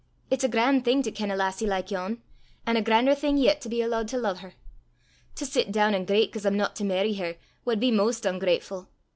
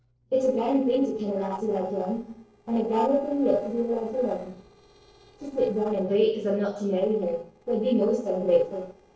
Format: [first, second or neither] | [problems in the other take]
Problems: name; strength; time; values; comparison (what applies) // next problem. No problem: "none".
first | noise reduction (neural separator model SepFormer DNS4)